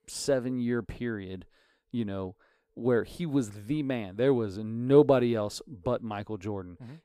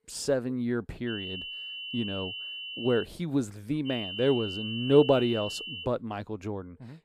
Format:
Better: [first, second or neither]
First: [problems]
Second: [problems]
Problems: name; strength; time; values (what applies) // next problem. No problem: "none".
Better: first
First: none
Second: high-pitched whine; loud; from 1 to 3 s and from 4 to 6 s; 3 kHz, 7 dB below the speech